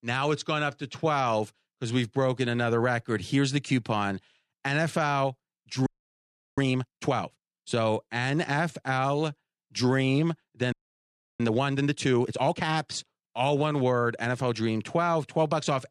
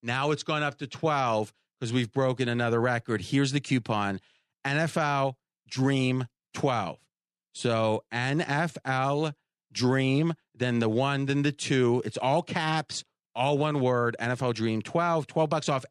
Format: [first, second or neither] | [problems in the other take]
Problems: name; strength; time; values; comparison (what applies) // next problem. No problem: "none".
second | audio freezing; at 6 s for 0.5 s and at 11 s for 0.5 s